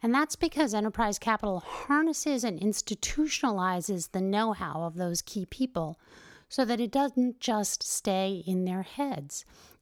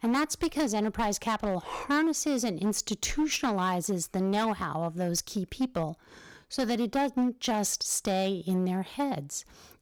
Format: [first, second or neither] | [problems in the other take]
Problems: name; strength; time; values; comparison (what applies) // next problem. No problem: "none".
first | distortion; slight; 9% of the sound clipped